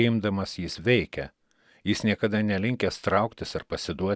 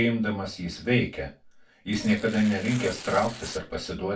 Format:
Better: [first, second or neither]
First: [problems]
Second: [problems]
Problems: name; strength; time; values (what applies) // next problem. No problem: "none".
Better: first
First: none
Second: background sound (Tearing); 15 dB below the speech // room echo; dies away in 0.2 s